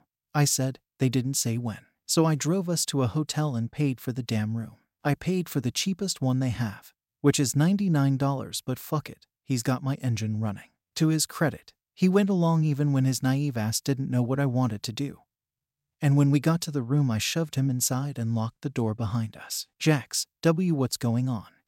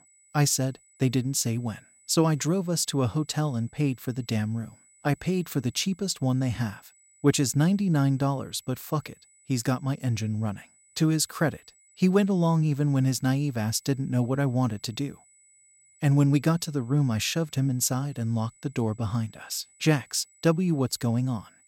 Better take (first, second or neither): first